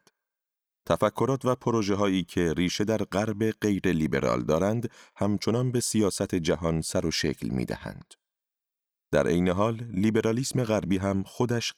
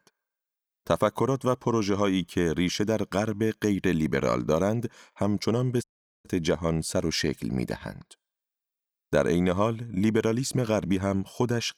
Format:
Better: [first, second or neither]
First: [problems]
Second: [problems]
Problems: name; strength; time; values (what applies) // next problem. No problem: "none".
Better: first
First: none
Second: audio cutting out; at 6 s